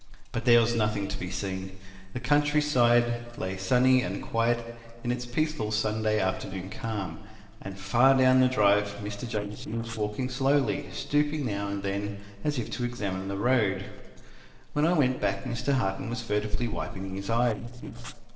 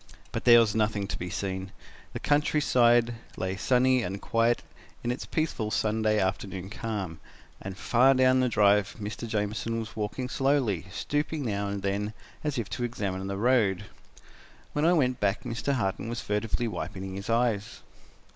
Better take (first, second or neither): second